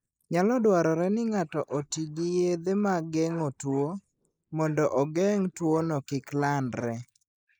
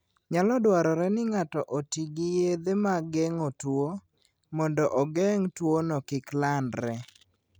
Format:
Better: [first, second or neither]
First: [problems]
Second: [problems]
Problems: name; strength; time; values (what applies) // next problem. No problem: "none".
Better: second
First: noise reduction (neural mask model Resemble Enhance denoiser)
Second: none